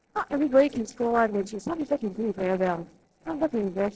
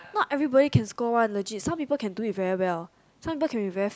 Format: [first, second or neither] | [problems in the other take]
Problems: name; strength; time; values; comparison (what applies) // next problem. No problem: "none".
second | noise reduction (neural separator model SepFormer DNS4)